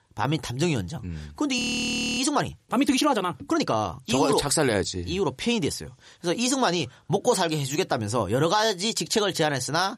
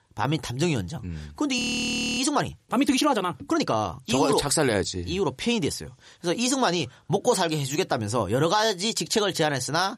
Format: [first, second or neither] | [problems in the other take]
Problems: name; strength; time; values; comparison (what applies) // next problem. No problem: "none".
neither | audio freezing; at 1.5 s for 0.5 s; the same in both